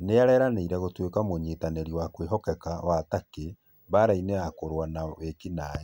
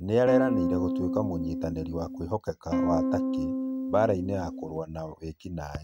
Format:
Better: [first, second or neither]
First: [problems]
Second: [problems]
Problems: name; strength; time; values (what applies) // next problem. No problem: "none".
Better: first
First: none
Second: noise reduction (neural mask model RNNoise)